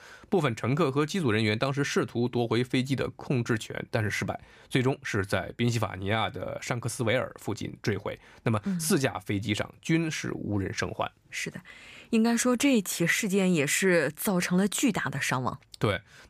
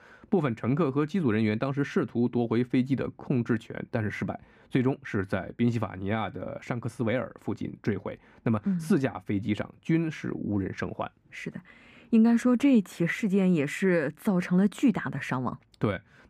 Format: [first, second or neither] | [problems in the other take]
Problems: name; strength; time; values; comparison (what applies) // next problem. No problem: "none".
first | muffled; slightly; fading above 3 kHz